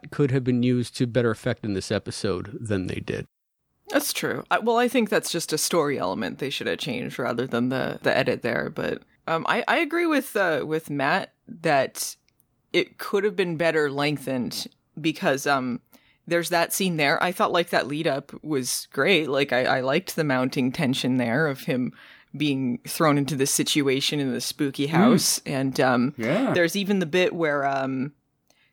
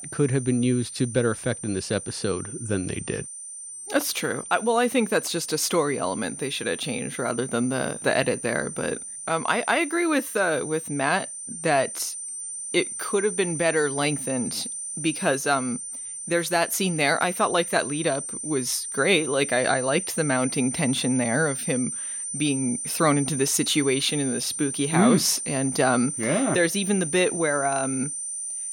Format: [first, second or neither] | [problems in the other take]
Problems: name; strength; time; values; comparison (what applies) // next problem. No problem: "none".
first | high-pitched whine; loud; throughout; 9 kHz, 6 dB below the speech